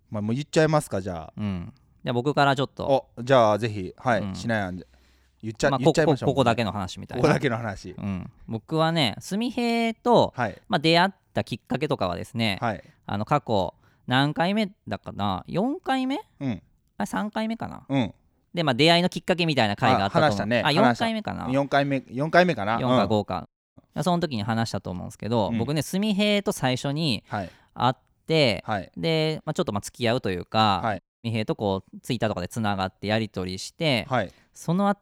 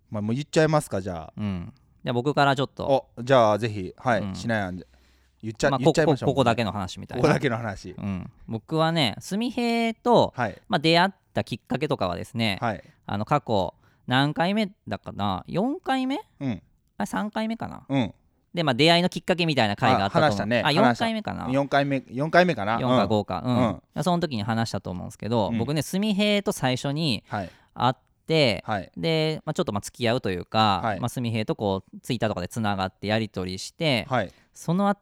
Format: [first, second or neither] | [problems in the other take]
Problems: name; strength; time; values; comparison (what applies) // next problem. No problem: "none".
second | audio cutting out; at 23 s and at 31 s